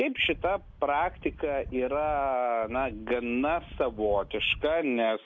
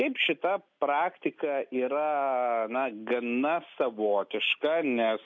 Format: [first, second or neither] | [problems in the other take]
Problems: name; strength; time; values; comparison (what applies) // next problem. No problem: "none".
second | background sound (Wind); 16 dB below the speech